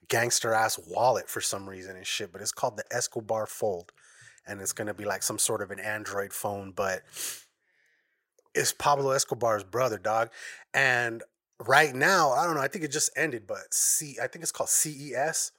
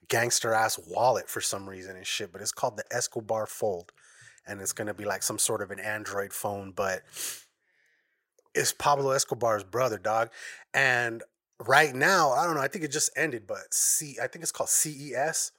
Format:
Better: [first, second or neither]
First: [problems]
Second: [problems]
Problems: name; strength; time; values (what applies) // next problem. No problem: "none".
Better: neither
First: none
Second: none